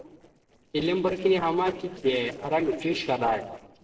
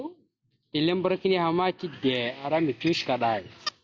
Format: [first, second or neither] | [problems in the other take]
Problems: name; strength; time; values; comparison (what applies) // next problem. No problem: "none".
second | noise reduction (neural separator model SepFormer DNS4)